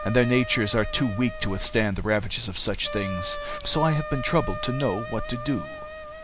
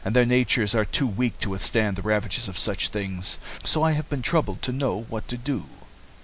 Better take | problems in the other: second | background sound (Wind instrument, woodwind instrument); 10 dB below the speech

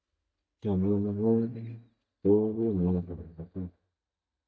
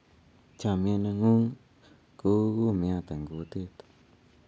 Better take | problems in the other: second | noise reduction (neural mask model DeepFilterNet 3)

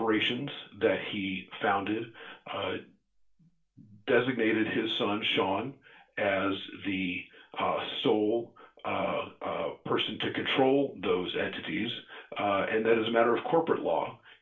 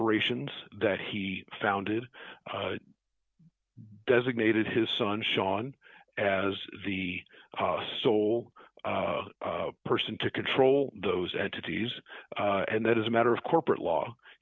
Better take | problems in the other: second | room echo; dies away in 0.3 s

